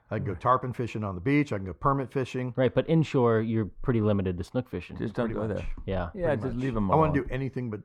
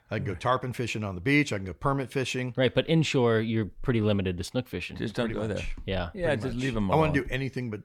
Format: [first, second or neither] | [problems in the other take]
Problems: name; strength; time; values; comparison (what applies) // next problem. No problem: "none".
second | muffled; slightly; fading above 2 kHz